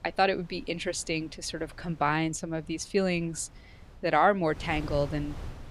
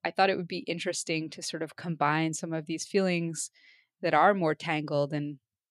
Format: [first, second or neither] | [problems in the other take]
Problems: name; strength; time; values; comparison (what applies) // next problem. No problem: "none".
second | wind noise on the microphone; occasional gusts; 25 dB below the speech